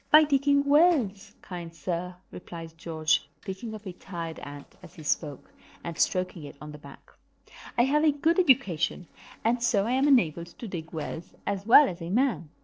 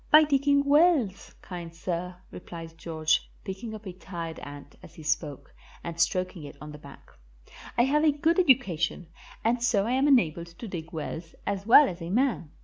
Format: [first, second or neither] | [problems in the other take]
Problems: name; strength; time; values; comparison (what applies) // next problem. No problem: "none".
second | noise reduction (neural separator model SepFormer DNS4)